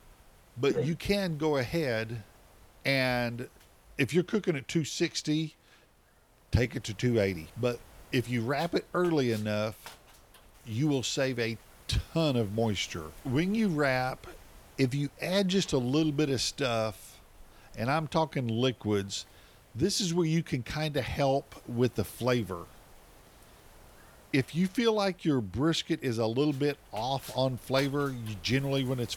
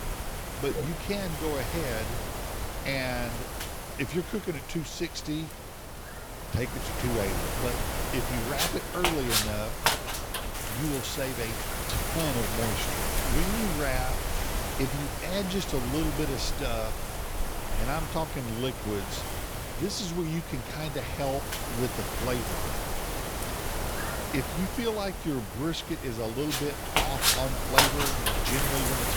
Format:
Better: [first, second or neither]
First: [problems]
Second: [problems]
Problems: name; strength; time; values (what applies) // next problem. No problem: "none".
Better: first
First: wind noise on the microphone; occasional gusts; 25 dB below the speech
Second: wind noise on the microphone; heavy; 3 dB above the speech